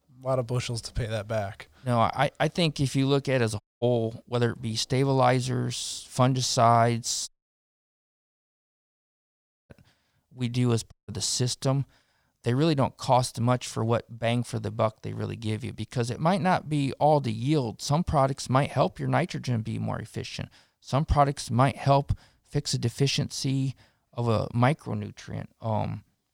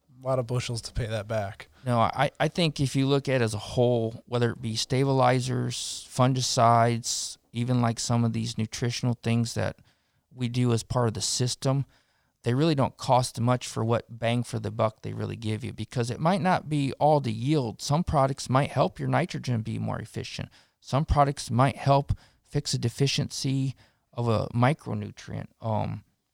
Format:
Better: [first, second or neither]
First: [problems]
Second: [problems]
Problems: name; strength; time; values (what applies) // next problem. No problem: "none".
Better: second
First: audio cutting out; at 3.5 s, at 7.5 s for 2.5 s and at 11 s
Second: none